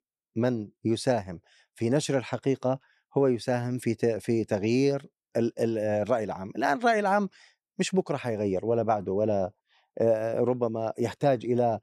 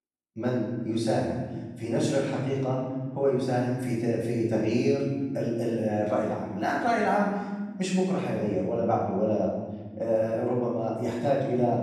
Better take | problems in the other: first | off-mic speech; far // room echo; noticeable; dies away in 1.6 s

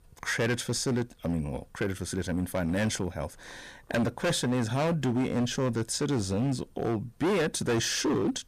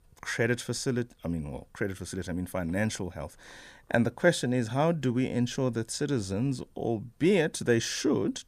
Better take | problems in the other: second | distortion; heavy; 14% of the sound clipped

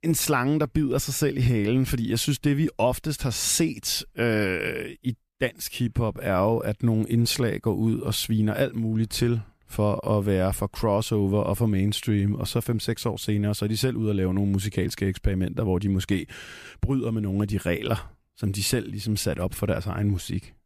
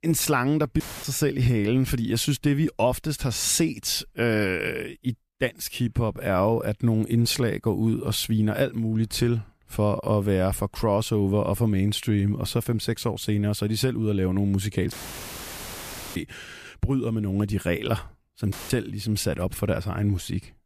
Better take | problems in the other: first | audio cutting out; filled with static; at 1 s, at 15 s for 1 s and at 19 s

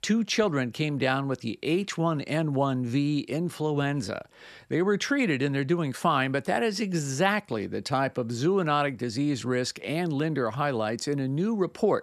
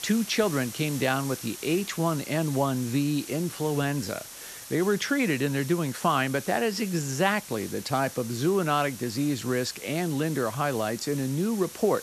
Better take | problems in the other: first | hiss; noticeable; throughout; 10 dB below the speech

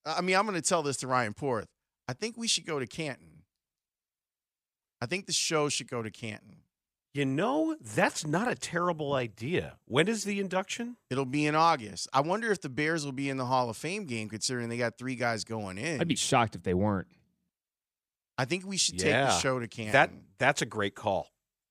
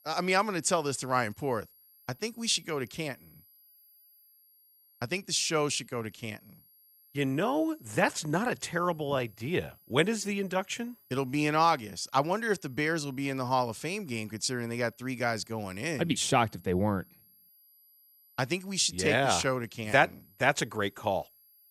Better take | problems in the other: first | high-pitched whine; faint; throughout; 11.5 kHz, 30 dB below the speech

